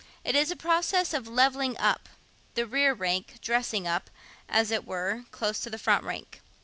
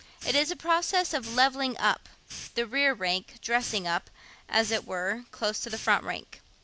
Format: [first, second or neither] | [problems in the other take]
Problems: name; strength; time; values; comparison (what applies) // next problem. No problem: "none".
first | background sound (Hiss); 17 dB below the speech